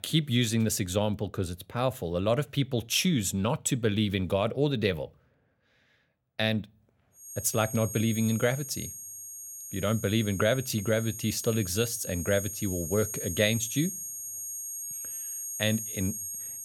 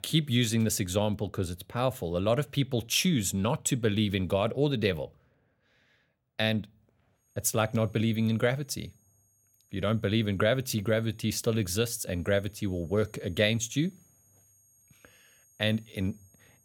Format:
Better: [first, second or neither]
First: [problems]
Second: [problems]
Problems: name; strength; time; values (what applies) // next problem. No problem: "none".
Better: second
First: high-pitched whine; loud; from 7 s on; 6.5 kHz, 7 dB below the speech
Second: high-pitched whine; faint; from 7 s on; 6.5 kHz, 35 dB below the speech